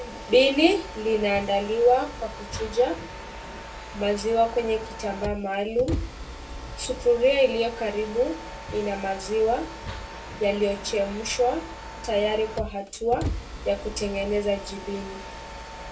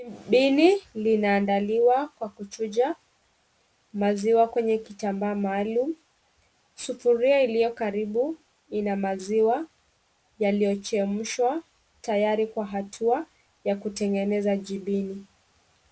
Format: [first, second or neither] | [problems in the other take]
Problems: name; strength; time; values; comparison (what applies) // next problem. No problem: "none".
second | background sound (Mechanisms); 11 dB below the speech // room echo; dies away in 0.2 s